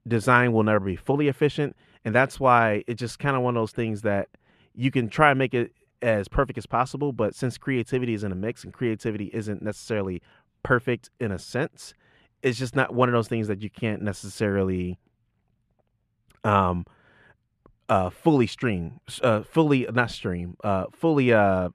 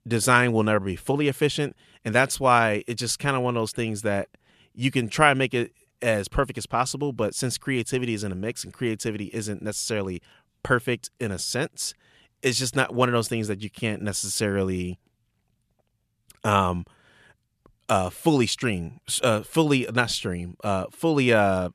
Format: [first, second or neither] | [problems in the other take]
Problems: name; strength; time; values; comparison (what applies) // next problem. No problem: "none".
second | muffled; slightly; fading above 3 kHz